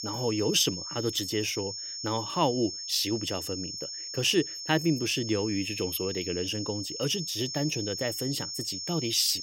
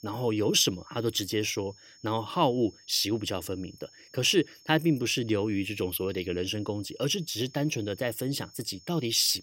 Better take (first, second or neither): second